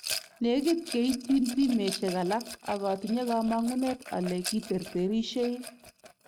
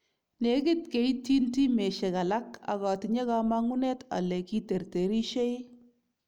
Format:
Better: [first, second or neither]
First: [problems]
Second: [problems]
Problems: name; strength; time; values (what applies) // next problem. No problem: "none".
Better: second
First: noise reduction (neural mask model RNNoise)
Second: none